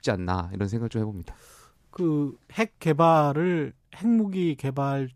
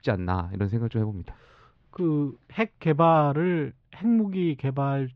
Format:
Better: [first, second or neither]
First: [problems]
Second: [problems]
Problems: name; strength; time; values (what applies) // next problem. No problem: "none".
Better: first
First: none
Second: muffled; slightly; fading above 3.5 kHz